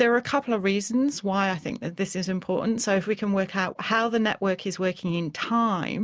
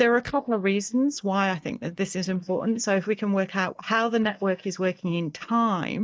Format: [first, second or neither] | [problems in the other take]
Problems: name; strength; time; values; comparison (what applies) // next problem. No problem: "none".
first | noise reduction (neural mask model DeepFilterNet 3)